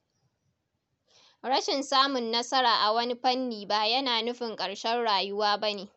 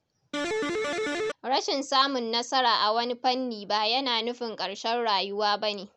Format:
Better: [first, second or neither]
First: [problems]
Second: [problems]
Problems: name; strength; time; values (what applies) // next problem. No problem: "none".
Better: first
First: none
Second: background sound (Electric guitar); 1 dB below the speech